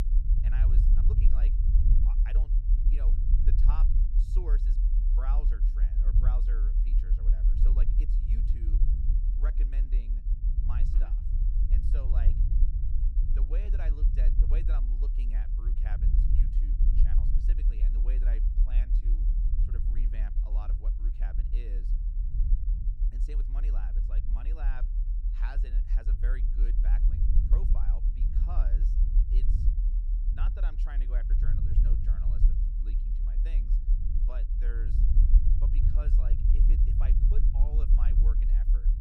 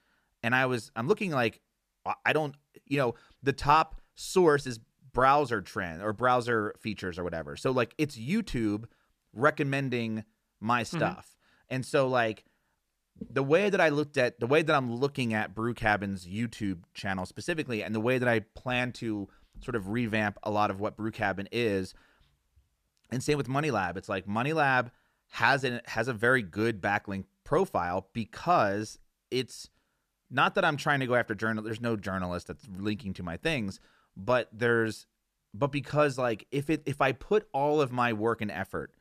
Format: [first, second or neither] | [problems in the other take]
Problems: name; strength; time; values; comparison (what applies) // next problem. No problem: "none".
second | low rumble; loud; throughout; as loud as the speech